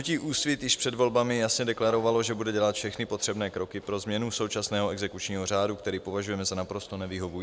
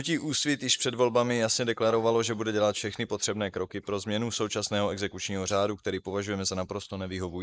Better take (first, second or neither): first